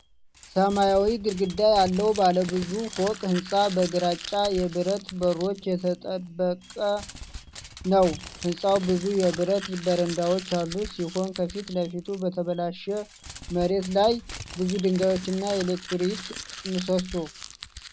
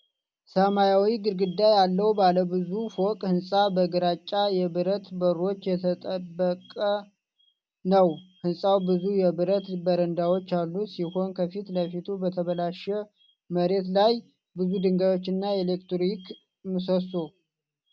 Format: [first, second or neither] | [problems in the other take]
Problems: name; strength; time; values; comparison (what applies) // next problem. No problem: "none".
second | background sound (Crumpling, crinkling); 15 dB below the speech